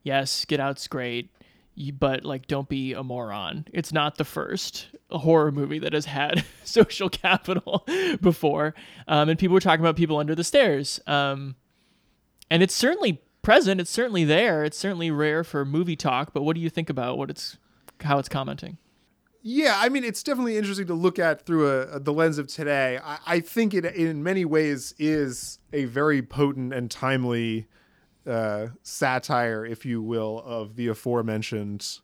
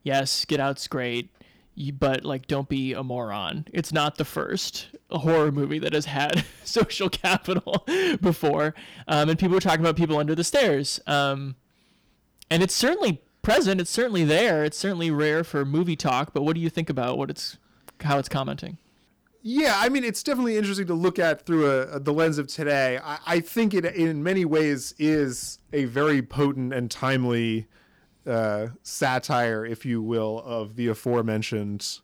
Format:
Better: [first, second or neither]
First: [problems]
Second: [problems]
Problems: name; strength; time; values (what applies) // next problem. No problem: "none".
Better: first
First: none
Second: distortion; slight; 5% of the sound clipped